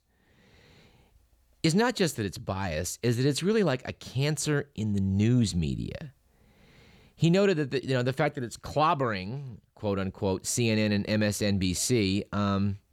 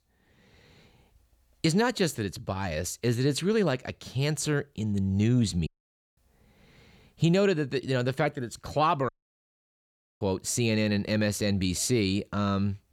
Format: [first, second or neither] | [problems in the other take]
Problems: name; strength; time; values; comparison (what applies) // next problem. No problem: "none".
first | audio cutting out; at 5.5 s for 0.5 s and at 9 s for 1 s